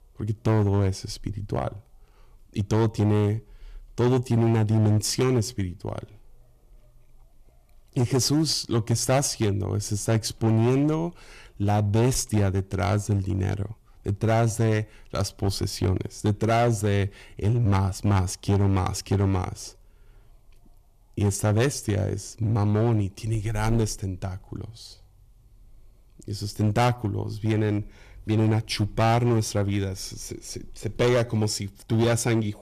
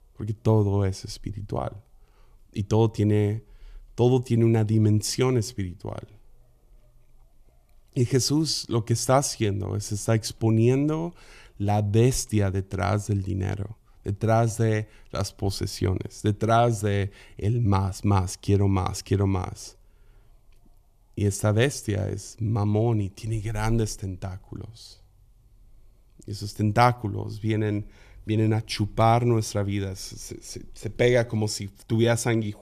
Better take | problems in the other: second | distortion; slight; 8% of the sound clipped

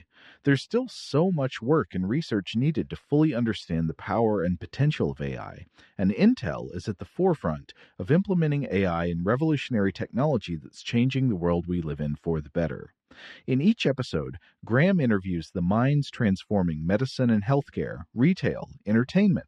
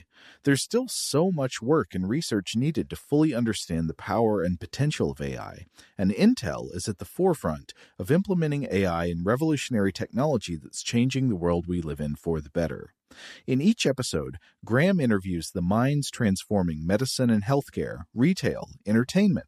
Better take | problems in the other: second | muffled; slightly; fading above 3 kHz

